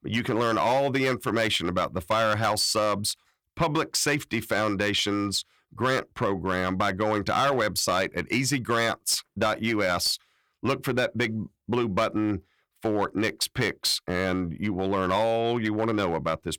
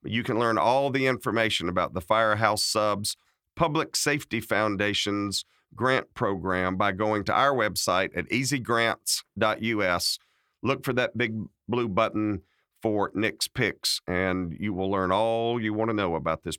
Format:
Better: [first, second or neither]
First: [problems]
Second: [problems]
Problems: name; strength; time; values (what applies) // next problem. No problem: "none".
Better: second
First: distortion; slight; 5% of the sound clipped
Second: none